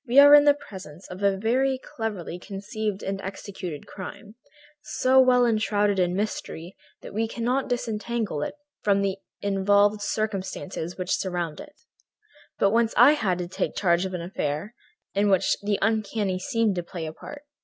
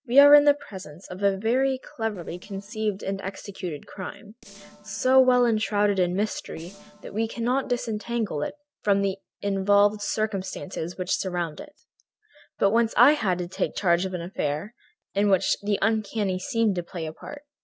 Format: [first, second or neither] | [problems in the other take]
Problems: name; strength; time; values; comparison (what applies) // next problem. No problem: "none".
first | noise reduction (neural separator model SepFormer DNS4)